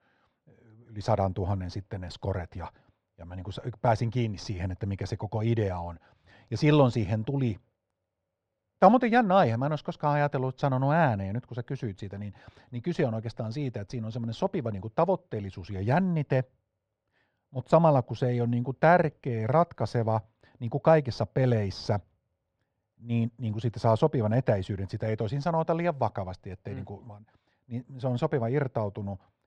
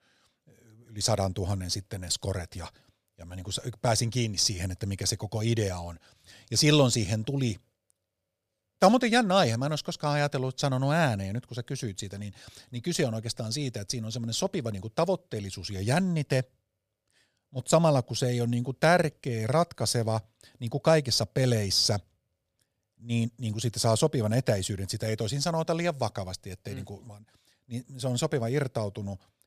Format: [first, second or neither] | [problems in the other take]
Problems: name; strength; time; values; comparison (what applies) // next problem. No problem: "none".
second | muffled; very; fading above 2 kHz